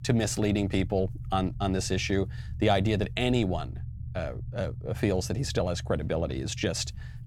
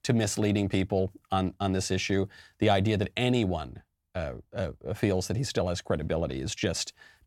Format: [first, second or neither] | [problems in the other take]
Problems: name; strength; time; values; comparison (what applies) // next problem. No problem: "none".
second | low rumble; faint; throughout; 20 dB below the speech